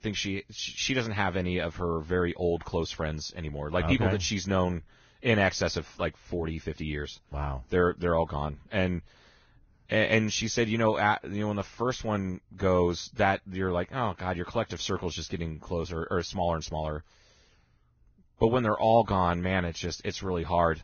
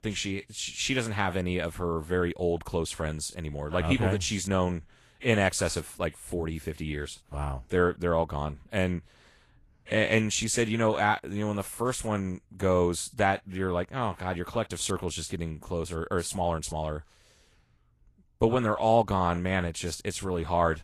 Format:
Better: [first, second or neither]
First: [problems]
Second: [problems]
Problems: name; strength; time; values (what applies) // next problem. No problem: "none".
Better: second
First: garbled, watery; badly; nothing above 6.5 kHz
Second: garbled, watery; slightly; nothing above 12.5 kHz